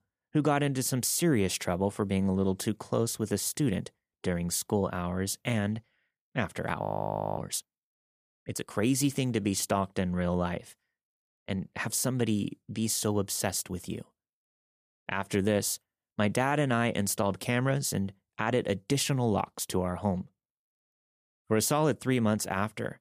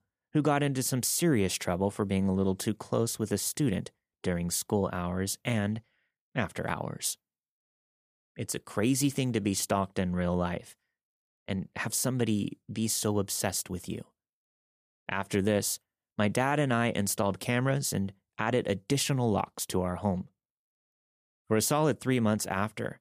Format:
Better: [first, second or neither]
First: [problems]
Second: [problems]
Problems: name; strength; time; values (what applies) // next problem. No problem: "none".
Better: second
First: audio freezing; at 7 s for 0.5 s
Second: none